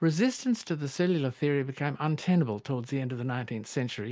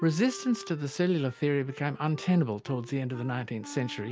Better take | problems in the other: first | background sound (Wind instrument, woodwind instrument); 19 dB below the speech

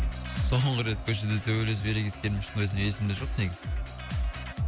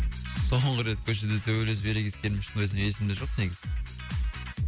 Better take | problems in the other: second | background sound (Crowd + Bowed string instrument); 19 dB below the speech

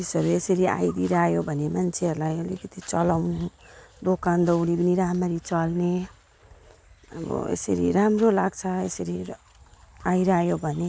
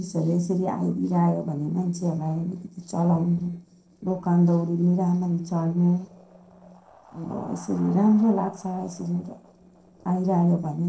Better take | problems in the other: first | noise reduction (neural separator model SepFormer DNS4)

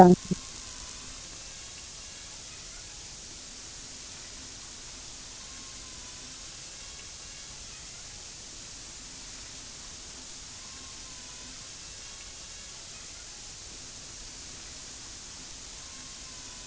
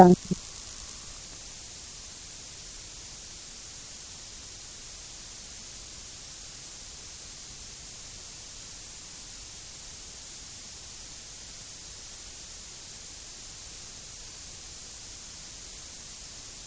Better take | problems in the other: second | background sound (Toilet flush / Door); 19 dB below the speech

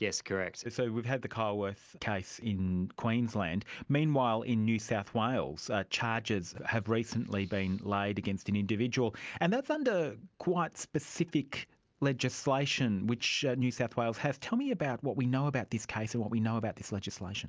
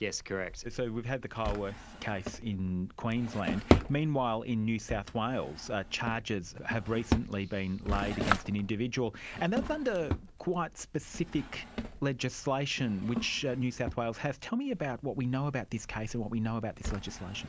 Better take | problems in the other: first | background sound (Drawer open or close); 4 dB below the speech

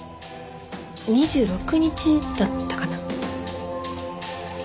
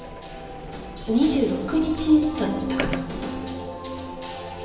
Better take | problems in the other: first | background sound (Sliding door); 12 dB below the speech // room echo; dies away in 1 s

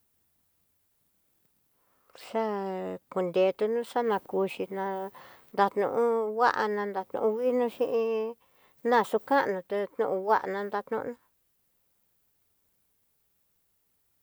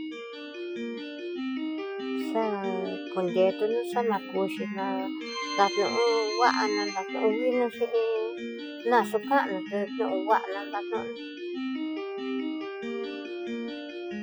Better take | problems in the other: first | noise reduction (classical method Wiener filter)

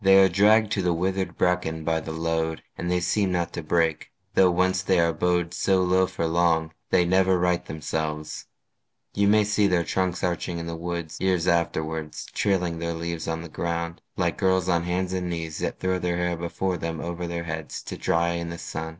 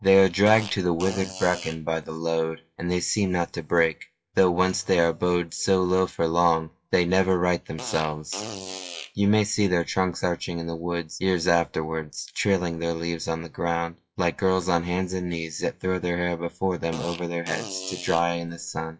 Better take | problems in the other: first | noise reduction (classical method WPE with log-MMSE)

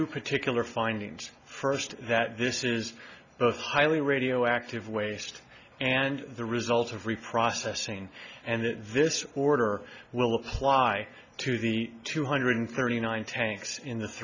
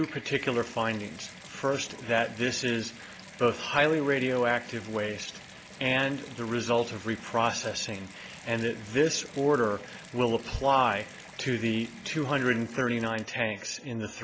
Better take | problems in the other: first | background sound (Bathtub (filling or washing) / Water tap, faucet); 18 dB below the speech

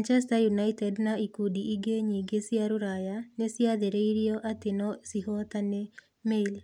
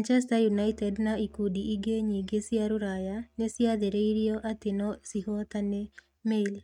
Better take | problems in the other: first | noise reduction (neural mask model RNNoise)

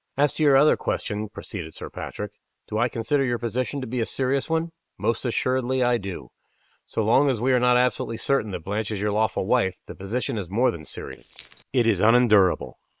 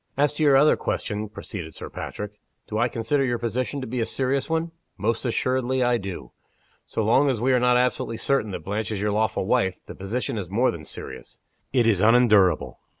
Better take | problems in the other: second | noise reduction (neural separator model SepFormer WHAM!)

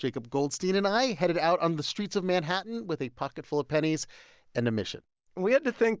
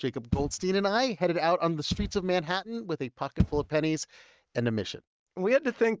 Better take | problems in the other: first | noise reduction (neural mask model RNNoise)

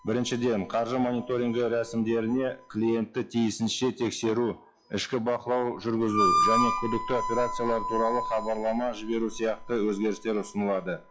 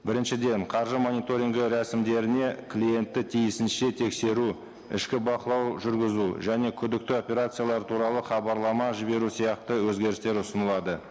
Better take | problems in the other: second | noise reduction (classical method log-MMSE)

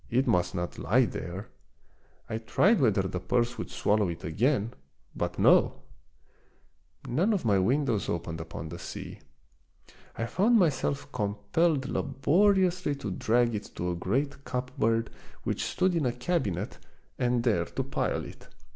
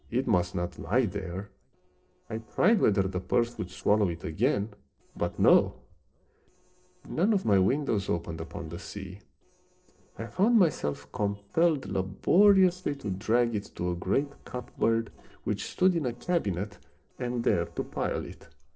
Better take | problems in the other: first | noise reduction (neural separator model SepFormer DNS4)

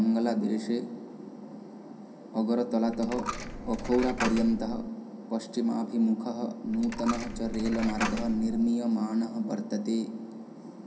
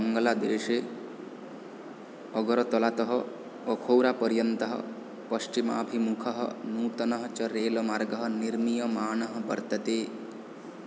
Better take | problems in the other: second | background sound (Coin (dropping)); 7 dB below the speech // room echo; dies away in 0.3 s

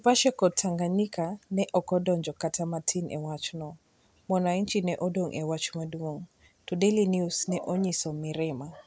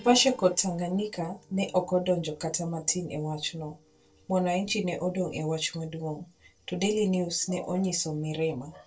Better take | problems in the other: first | noise reduction (neural separator model SepFormer DNS4)

